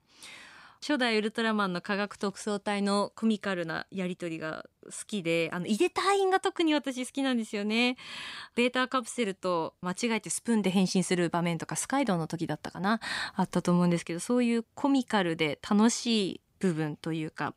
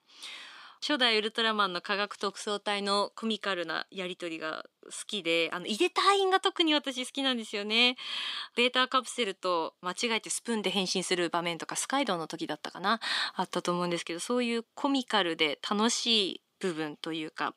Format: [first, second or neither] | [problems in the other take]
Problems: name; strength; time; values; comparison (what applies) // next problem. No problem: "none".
first | thin; very slightly; fading below 350 Hz